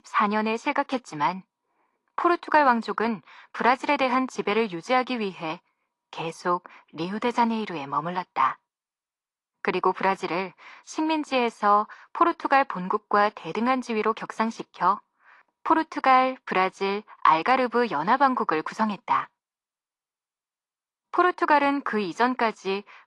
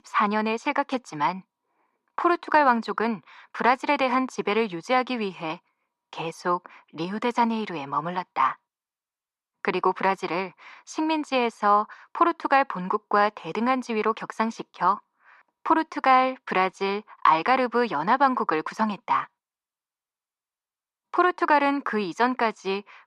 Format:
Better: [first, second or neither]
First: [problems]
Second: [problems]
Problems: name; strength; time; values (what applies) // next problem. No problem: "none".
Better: second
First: garbled, watery; slightly; nothing above 11 kHz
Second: none